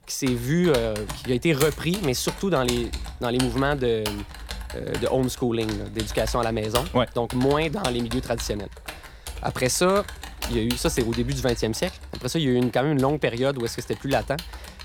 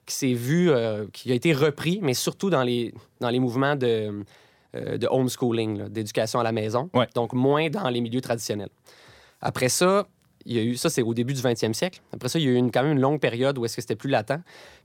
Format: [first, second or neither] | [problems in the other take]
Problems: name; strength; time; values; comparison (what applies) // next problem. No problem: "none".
second | household noises; noticeable; throughout; 10 dB below the speech